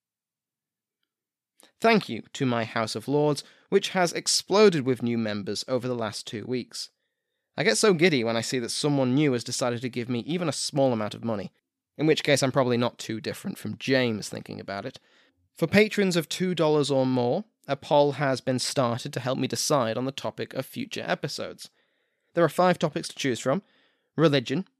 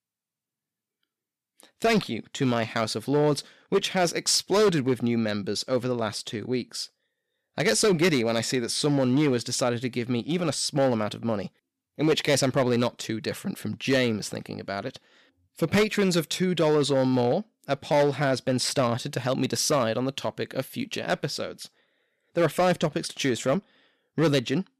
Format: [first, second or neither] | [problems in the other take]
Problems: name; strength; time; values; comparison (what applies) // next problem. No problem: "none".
first | distortion; slight; 4% of the sound clipped